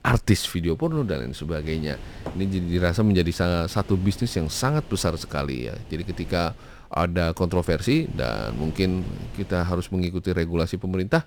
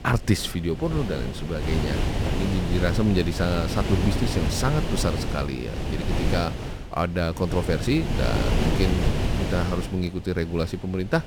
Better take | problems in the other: first | wind noise on the microphone; heavy; 3 dB below the speech; occasional gusts in the first

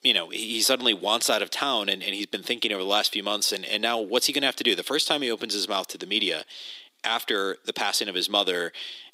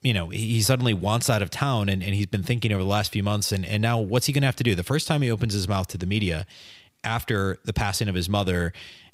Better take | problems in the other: second | thin; somewhat; fading below 300 Hz

